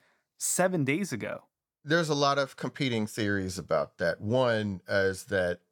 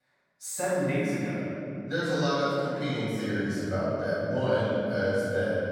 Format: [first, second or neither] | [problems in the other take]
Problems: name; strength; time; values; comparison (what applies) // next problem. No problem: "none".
first | off-mic speech; far // room echo; strong; dies away in 3 s